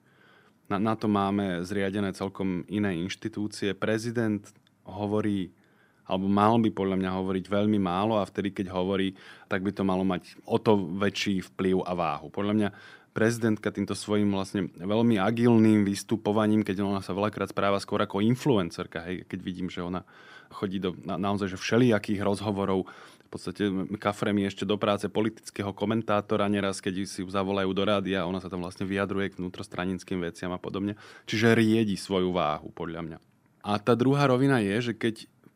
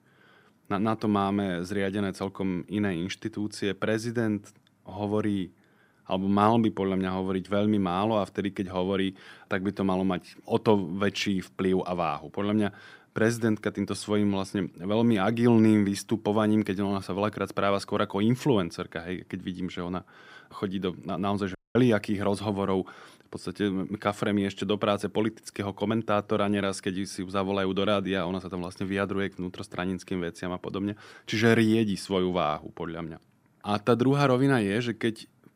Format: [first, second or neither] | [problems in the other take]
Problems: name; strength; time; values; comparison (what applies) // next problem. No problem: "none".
first | audio cutting out; at 22 s